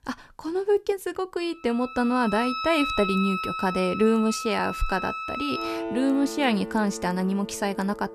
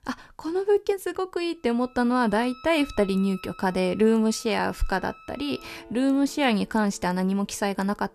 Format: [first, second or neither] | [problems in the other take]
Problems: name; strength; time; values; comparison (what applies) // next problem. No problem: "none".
second | background music; loud; from 2 s on; 6 dB below the speech; faint in the second